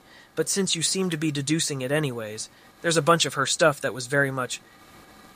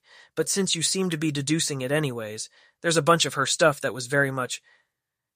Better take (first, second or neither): second